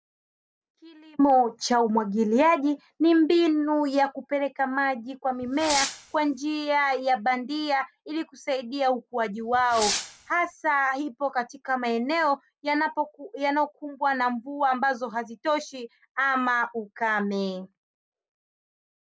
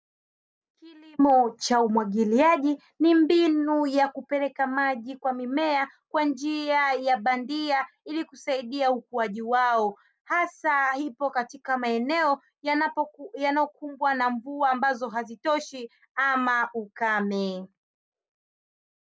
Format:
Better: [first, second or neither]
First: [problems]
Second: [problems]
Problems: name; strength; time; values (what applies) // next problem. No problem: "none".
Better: second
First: background sound (Fireworks); 7 dB below the speech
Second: none